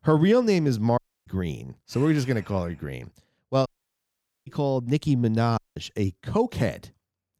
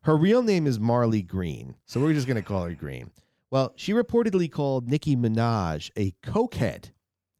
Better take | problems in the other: second | audio cutting out; at 1 s, at 3.5 s for 1 s and at 5.5 s

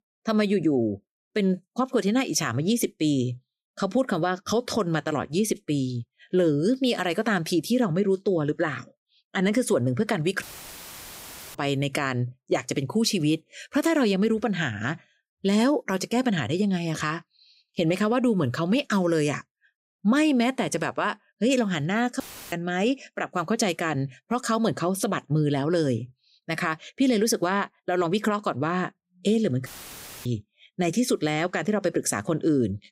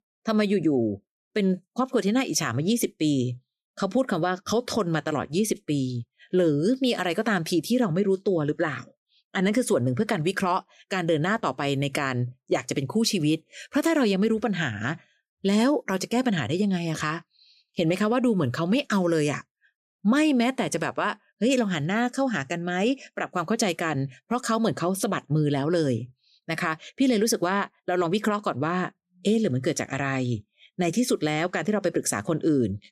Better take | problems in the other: second | audio cutting out; filled with static; at 10 s for 1 s, at 22 s and at 30 s for 0.5 s

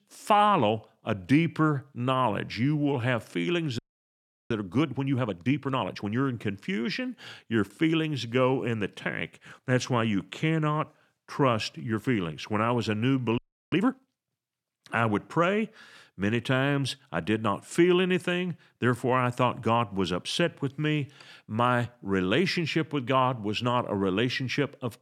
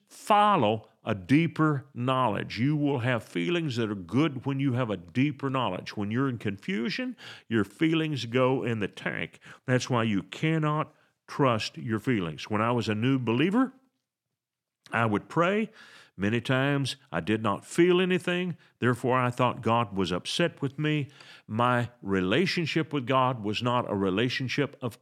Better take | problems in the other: second | audio freezing; at 4 s for 0.5 s and at 13 s

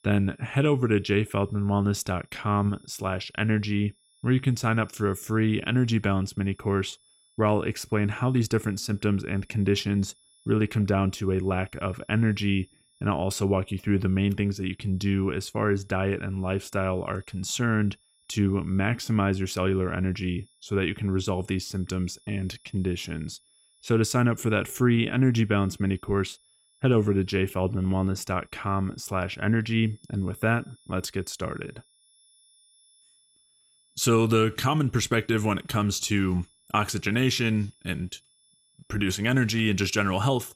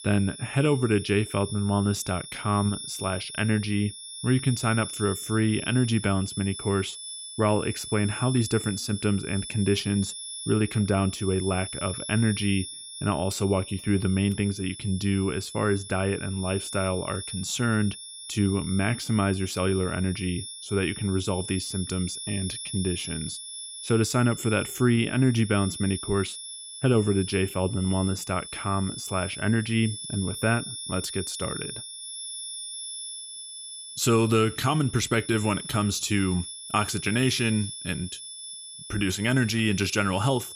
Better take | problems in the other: first | high-pitched whine; loud; throughout; 3.5 kHz, 9 dB below the speech; faint in the first

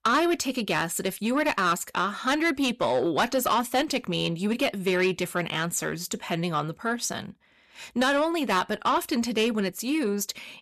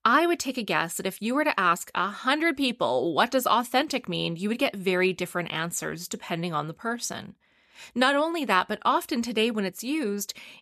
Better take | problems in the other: second | distortion; slight; 10 dB below the speech

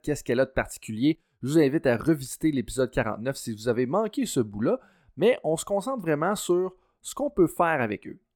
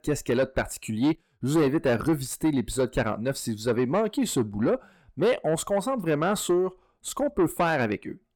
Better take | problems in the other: first | distortion; slight; 10 dB below the speech

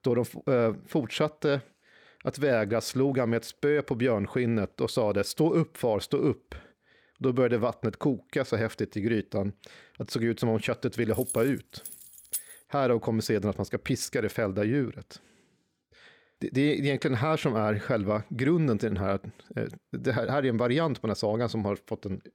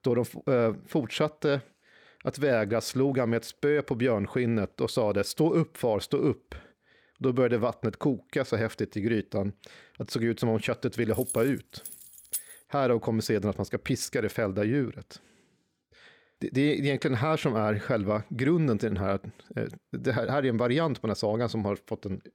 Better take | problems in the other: neither | jangling keys; noticeable; from 11 to 13 s; peak 6 dB below the speech; the same in both

